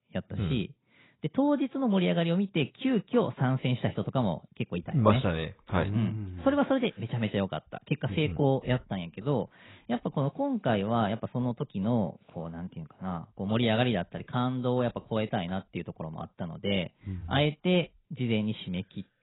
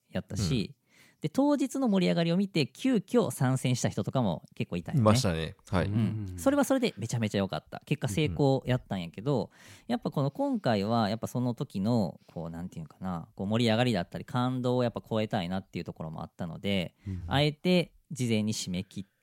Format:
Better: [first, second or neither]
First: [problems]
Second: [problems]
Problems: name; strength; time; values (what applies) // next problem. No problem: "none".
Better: second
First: garbled, watery; badly; nothing above 4 kHz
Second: none